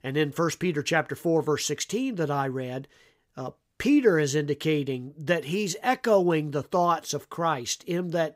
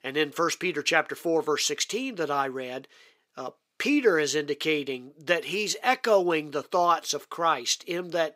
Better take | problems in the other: first | thin; very slightly; fading below 350 Hz

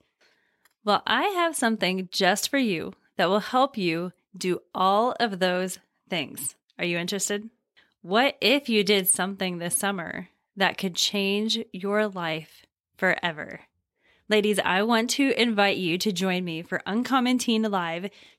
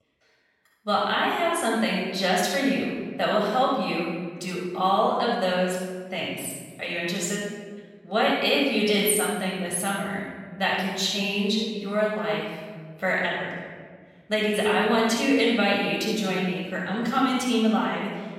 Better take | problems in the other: first | off-mic speech; far // room echo; strong; dies away in 1.4 s

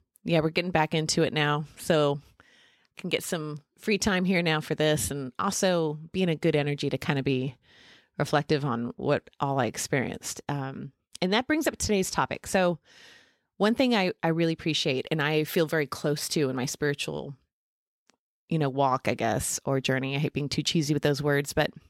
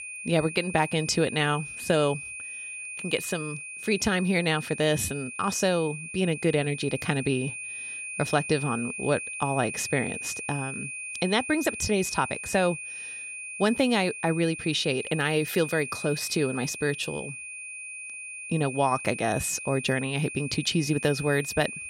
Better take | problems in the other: first | high-pitched whine; loud; throughout; 2.5 kHz, 8 dB below the speech

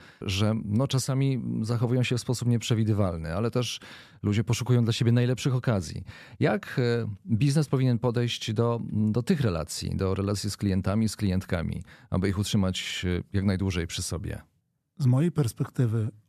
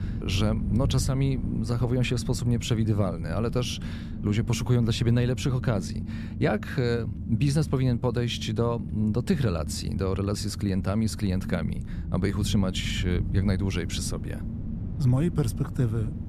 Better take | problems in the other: first | low rumble; noticeable; throughout; 10 dB below the speech

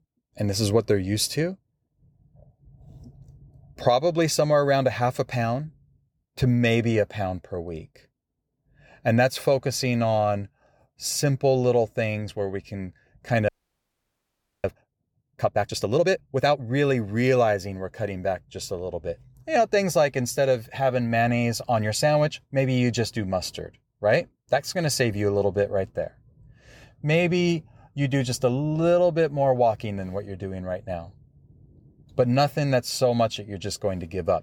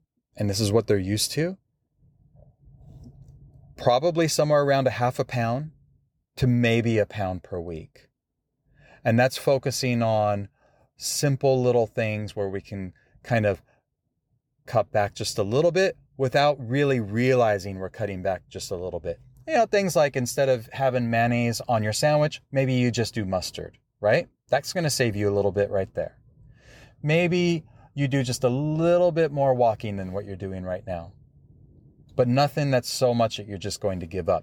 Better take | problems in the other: second | audio freezing; at 13 s for 1 s

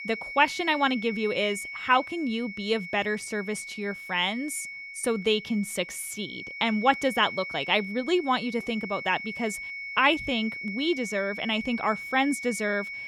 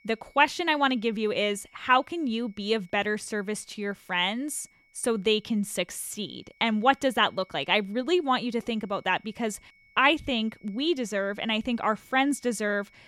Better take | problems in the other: second | high-pitched whine; loud; throughout; 2 kHz, 9 dB below the speech; faint in the second

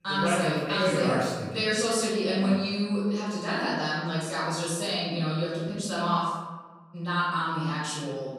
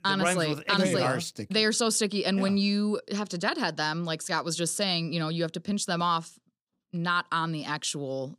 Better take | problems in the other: second | off-mic speech; far // room echo; strong; dies away in 1.2 s

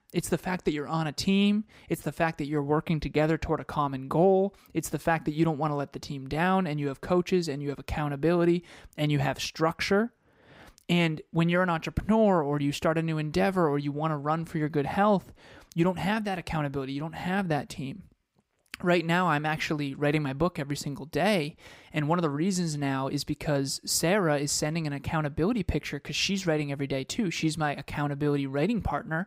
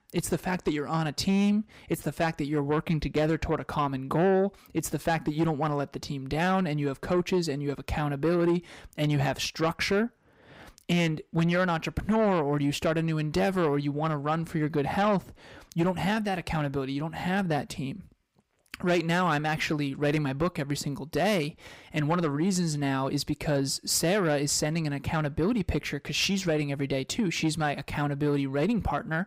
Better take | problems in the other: first | distortion; slight; 10 dB below the speech

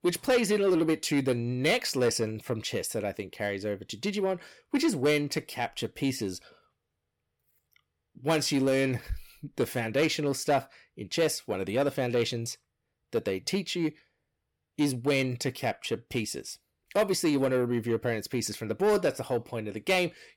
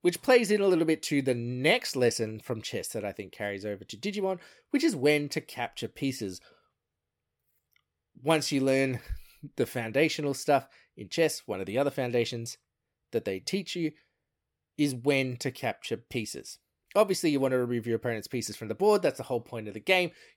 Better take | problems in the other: second | distortion; slight; 10 dB below the speech

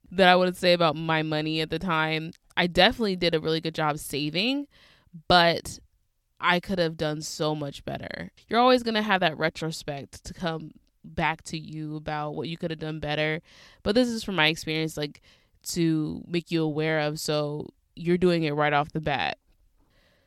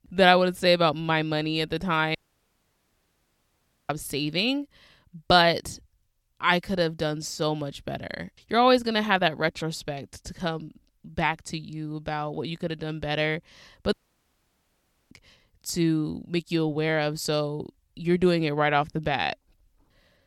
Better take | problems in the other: first | audio cutting out; at 2 s for 1.5 s and at 14 s for 1 s

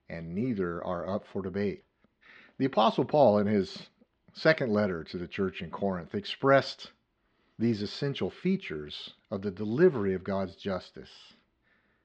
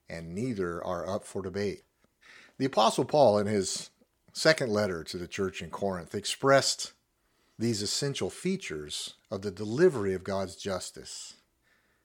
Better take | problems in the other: second | muffled; slightly; fading above 4 kHz

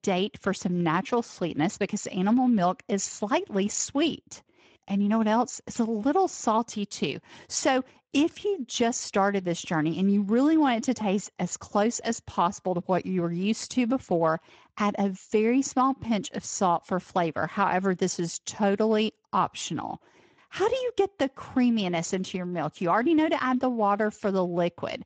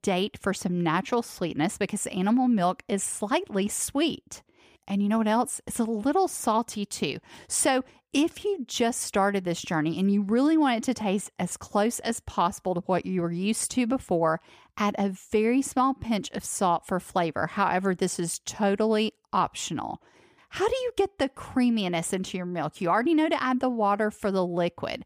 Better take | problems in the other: second | garbled, watery; slightly; nothing above 7.5 kHz

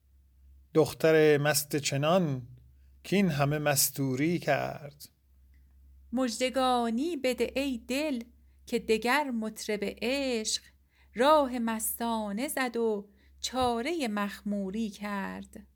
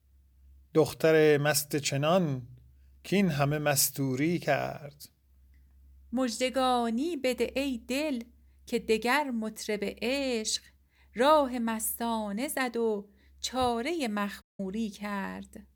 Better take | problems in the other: first | audio cutting out; at 14 s

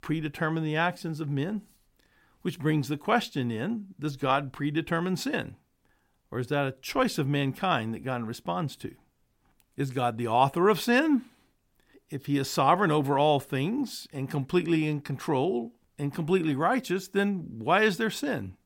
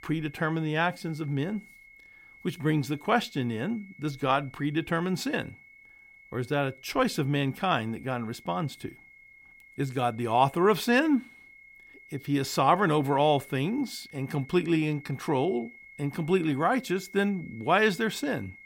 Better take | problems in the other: first | high-pitched whine; faint; throughout; 2 kHz, 20 dB below the speech

